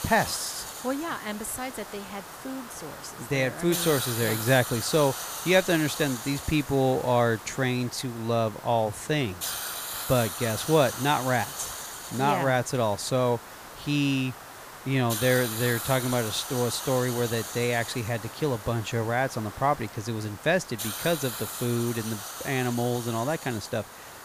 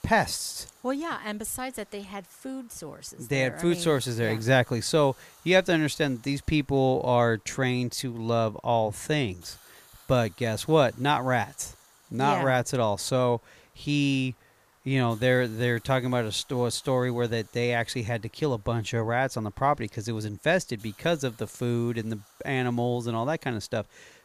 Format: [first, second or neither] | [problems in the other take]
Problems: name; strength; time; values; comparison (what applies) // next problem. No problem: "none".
second | hiss; loud; throughout; 8 dB below the speech; faint in the second